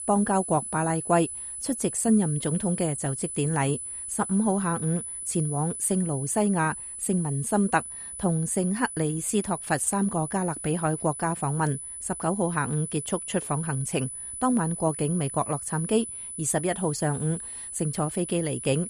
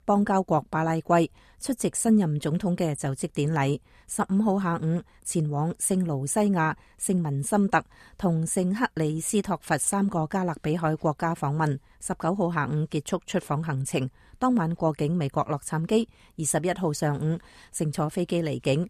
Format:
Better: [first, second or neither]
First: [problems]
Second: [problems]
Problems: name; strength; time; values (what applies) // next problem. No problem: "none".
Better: second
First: high-pitched whine; loud; throughout; 10 kHz, 7 dB below the speech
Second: none